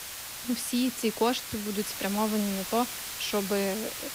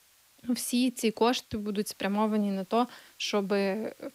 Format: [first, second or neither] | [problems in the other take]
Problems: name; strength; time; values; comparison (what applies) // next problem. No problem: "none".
second | hiss; loud; throughout; 5 dB below the speech; faint in the second